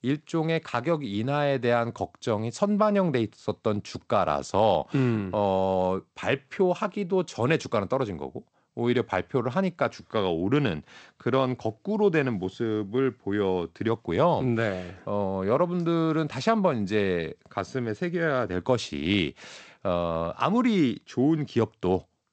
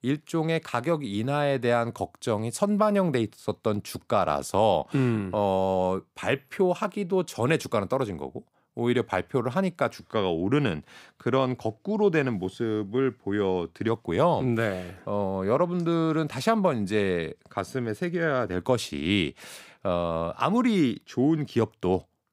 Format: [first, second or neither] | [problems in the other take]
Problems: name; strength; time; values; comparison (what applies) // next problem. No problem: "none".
second | garbled, watery; slightly; nothing above 8 kHz